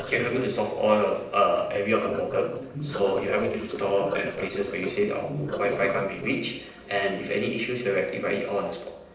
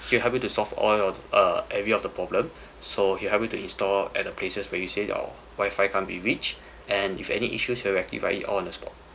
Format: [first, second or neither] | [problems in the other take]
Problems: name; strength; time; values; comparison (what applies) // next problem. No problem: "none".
second | noise reduction (neural separator model SepFormer DNS4)